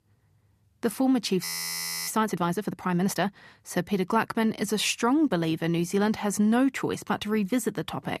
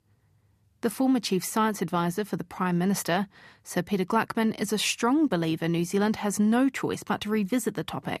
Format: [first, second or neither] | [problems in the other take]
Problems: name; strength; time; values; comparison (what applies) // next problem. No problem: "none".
second | audio freezing; at 1.5 s for 0.5 s